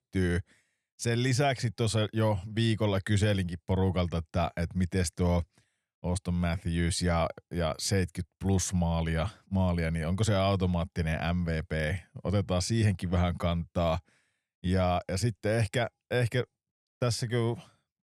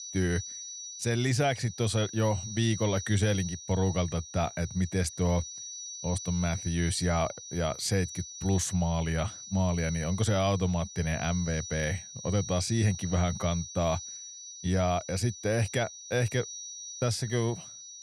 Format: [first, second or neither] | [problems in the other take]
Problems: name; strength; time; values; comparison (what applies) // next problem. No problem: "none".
first | high-pitched whine; noticeable; throughout; 6 kHz, 10 dB below the speech